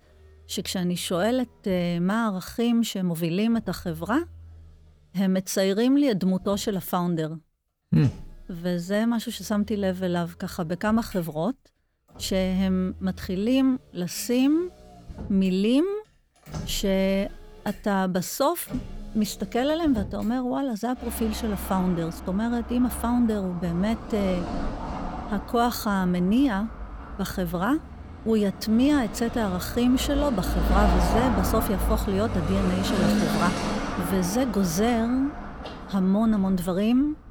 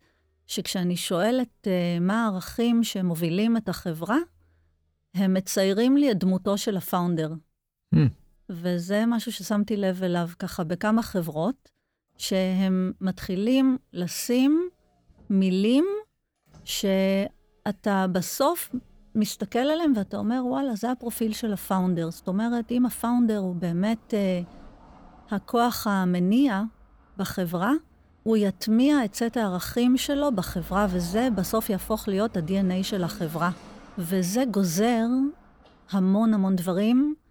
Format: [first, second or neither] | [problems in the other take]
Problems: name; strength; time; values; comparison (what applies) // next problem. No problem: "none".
second | traffic noise; loud; throughout; 7 dB below the speech; faint in the second